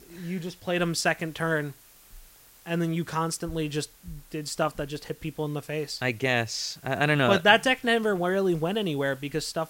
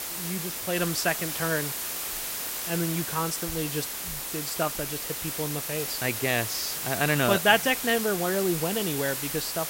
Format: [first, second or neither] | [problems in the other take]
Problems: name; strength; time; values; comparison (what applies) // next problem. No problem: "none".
first | hiss; loud; throughout; 2 dB below the speech; faint in the first